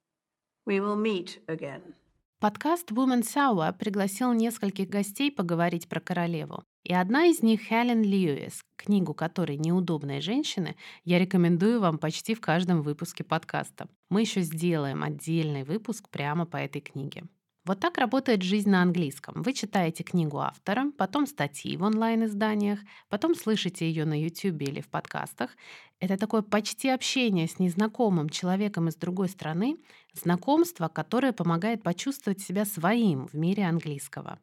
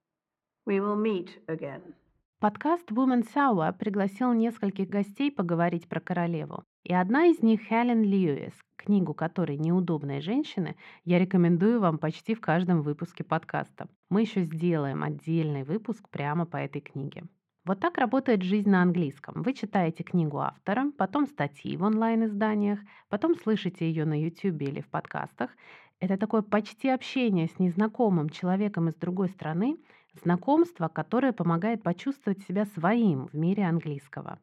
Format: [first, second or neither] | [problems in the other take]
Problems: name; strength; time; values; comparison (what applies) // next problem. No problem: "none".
first | muffled; slightly; fading above 4 kHz